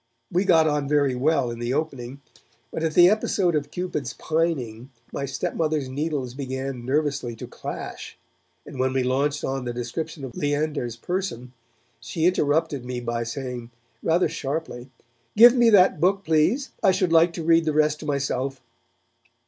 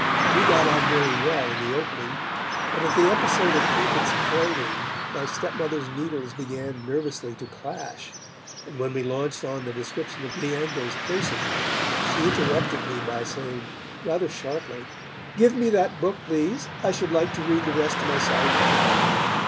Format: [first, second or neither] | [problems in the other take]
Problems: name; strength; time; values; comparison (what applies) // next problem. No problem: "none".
first | background sound (Car passing by / Traffic noise, roadway noise); 1 dB above the speech